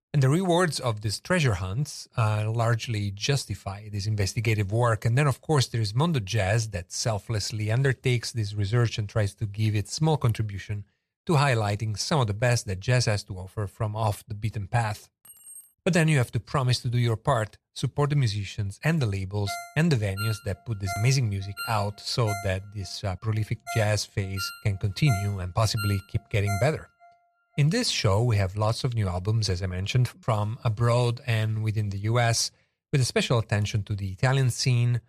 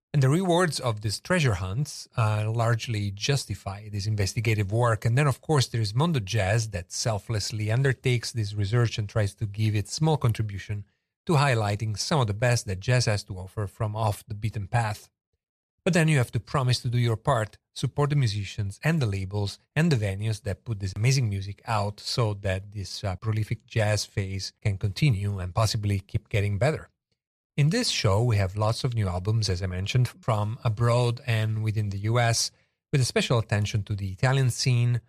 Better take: second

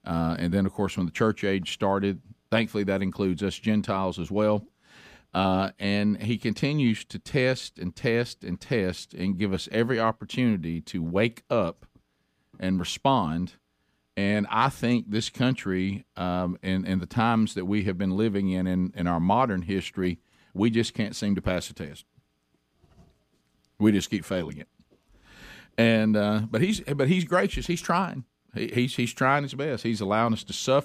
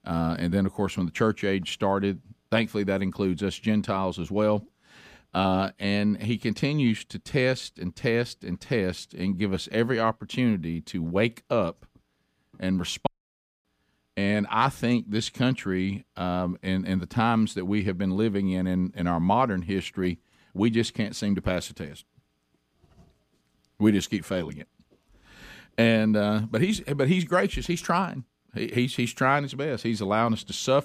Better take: first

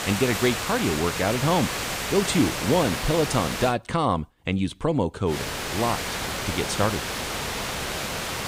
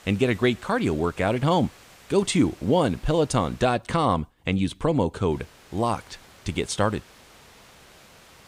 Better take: second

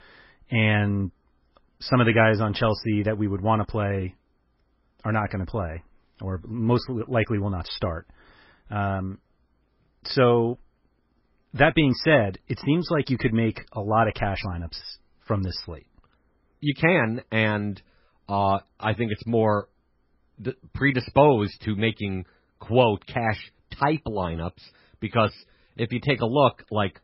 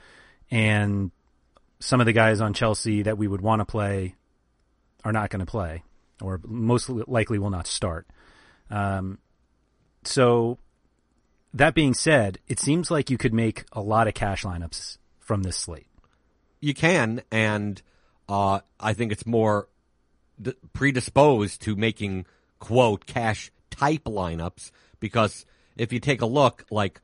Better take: second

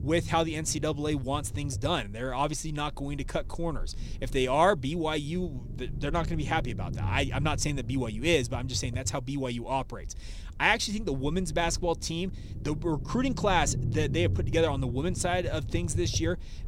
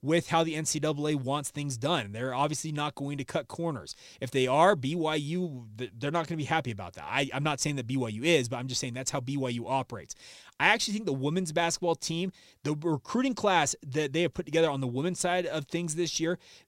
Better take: second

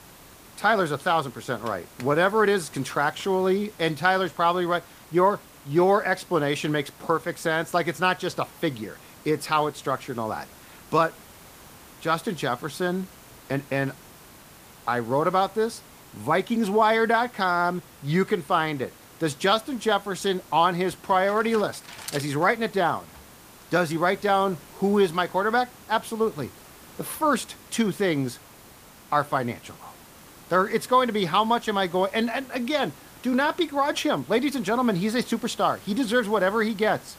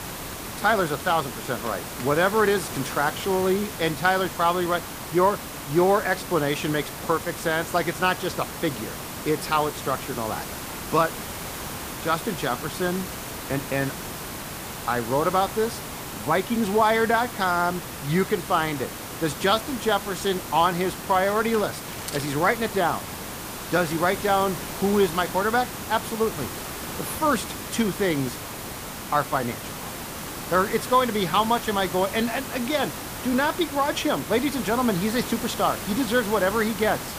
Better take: first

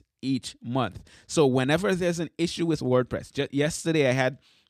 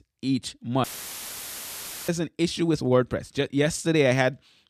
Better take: first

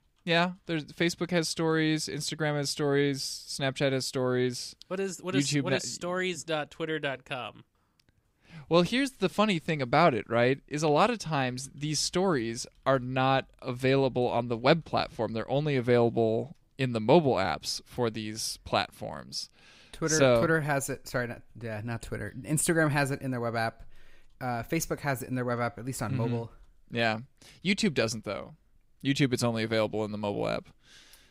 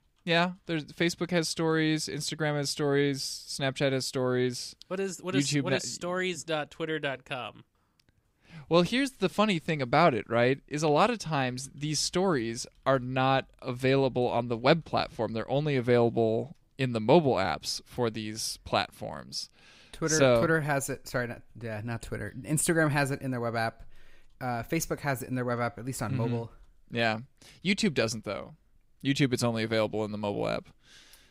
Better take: neither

